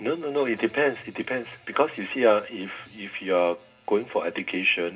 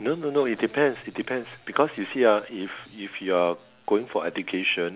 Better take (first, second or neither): second